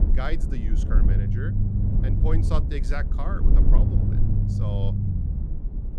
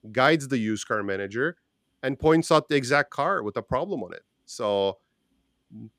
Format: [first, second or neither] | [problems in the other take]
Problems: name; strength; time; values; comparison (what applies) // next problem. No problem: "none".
second | low rumble; loud; throughout; 1 dB below the speech